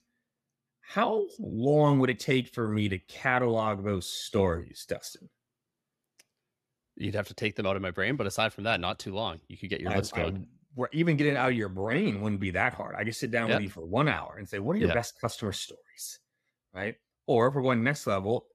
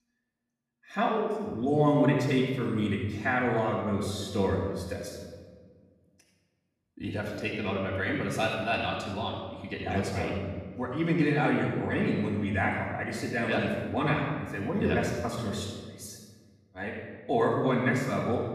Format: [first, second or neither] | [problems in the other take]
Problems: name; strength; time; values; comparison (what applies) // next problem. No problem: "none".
first | off-mic speech; far // room echo; noticeable; dies away in 1.3 s